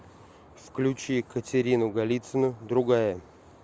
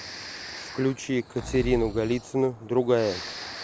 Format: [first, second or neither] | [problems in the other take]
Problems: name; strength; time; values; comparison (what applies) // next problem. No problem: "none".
first | background sound (Breathing); 12 dB below the speech